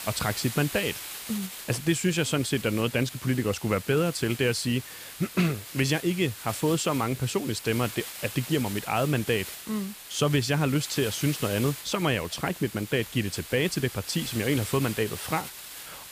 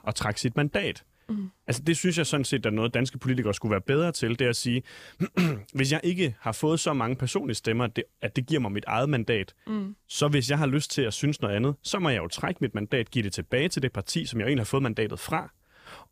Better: second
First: hiss; noticeable; throughout; 10 dB below the speech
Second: none

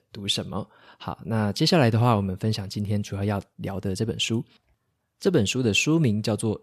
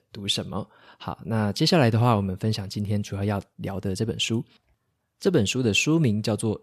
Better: neither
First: none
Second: none

